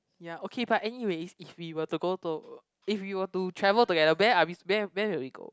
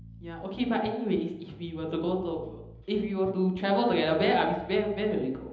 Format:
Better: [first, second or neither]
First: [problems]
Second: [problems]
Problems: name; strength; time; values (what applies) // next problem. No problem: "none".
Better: first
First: none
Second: background sound (Bass guitar); 20 dB below the speech // room echo; dies away in 0.9 s